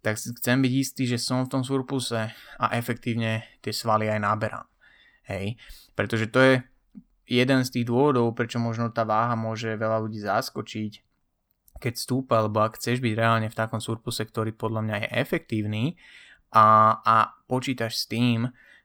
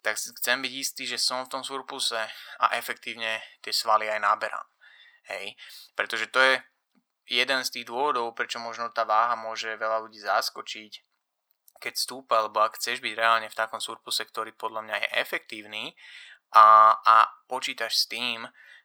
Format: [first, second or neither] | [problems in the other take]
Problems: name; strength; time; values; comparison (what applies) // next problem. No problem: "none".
first | thin; very; fading below 850 Hz